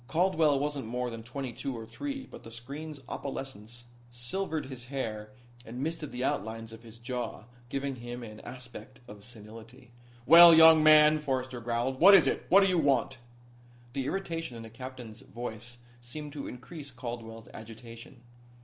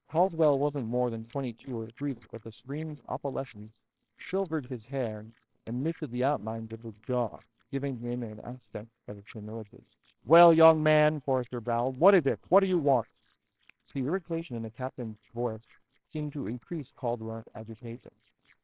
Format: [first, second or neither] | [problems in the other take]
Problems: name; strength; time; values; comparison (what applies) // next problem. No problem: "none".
first | noise reduction (neural separator model SepFormer WHAMR!)